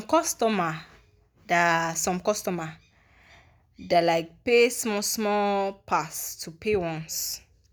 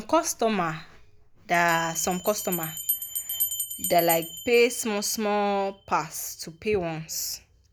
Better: first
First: none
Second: background sound (Bell); 9 dB below the speech

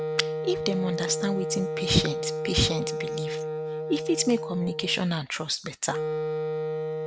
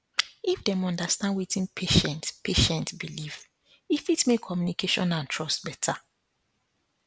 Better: second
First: background sound (Wind instrument, woodwind instrument); 2 dB below the speech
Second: none

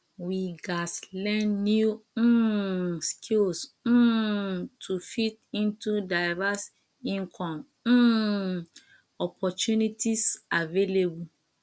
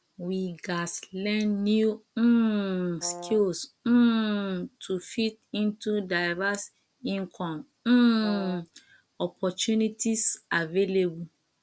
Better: first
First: none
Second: background sound (Brass instrument); 15 dB below the speech

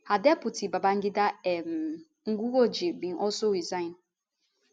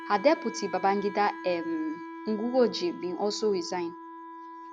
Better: first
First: none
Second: background sound (Wind instrument, woodwind instrument); 12 dB below the speech

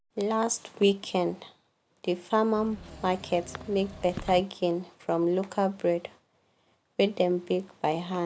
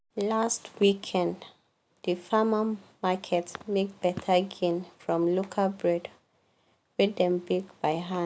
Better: second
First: background sound (Engine / Mechanisms); 15 dB below the speech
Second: none

